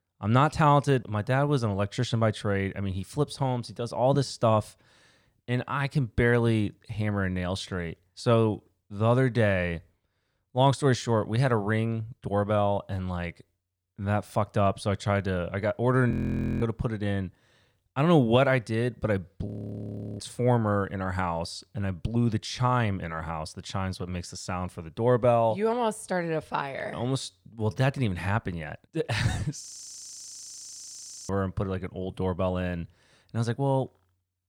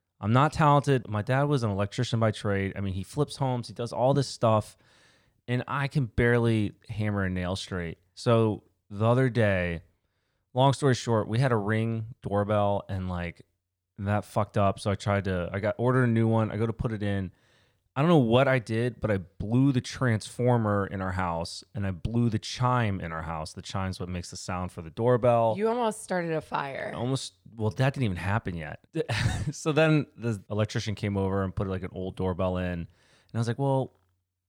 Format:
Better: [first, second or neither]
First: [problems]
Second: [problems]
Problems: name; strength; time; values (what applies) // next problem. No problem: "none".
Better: second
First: audio freezing; at 16 s for 0.5 s, at 19 s for 0.5 s and at 30 s for 1.5 s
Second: none